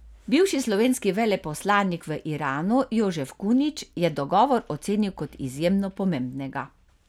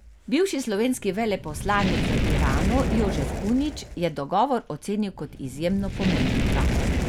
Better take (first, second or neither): first